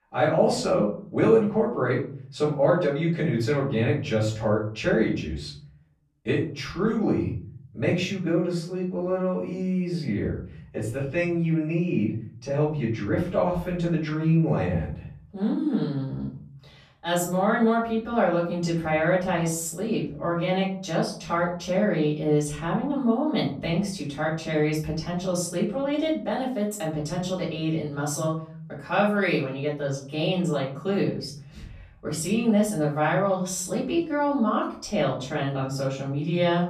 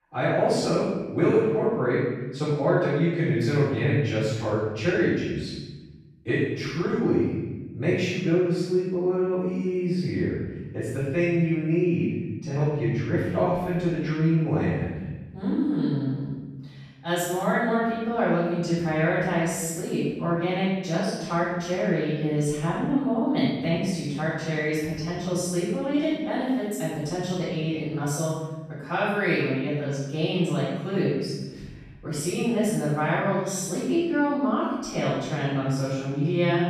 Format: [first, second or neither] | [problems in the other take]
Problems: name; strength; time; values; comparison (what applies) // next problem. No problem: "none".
first | room echo; strong; dies away in 1.2 s; slight in the first // off-mic speech; far; far in the first